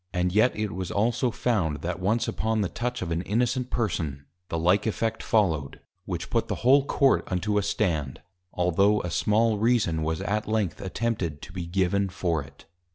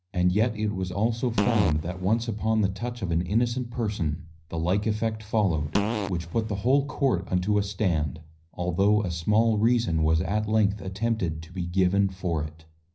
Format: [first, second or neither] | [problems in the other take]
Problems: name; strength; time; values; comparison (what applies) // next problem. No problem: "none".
first | background sound (Fart); 6 dB below the speech // room echo; dies away in 0.5 s